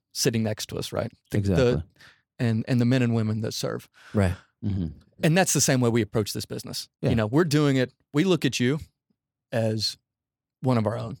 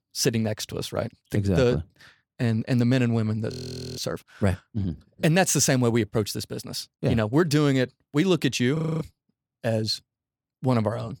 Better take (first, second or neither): first